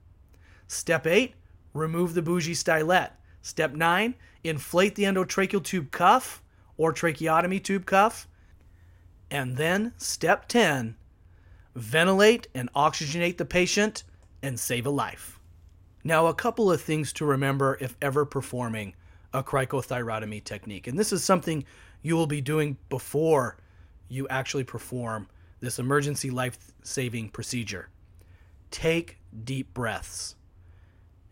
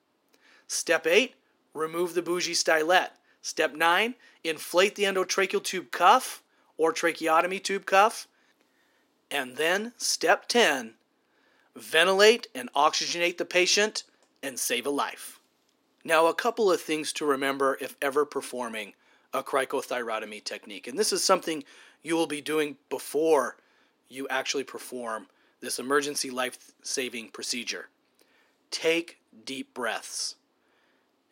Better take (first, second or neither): first